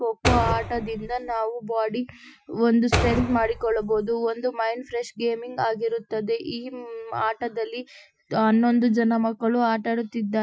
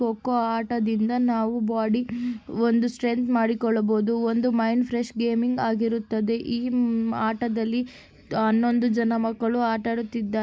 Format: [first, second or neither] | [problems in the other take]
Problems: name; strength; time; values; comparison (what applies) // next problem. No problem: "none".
second | noise reduction (classical method Wiener filter)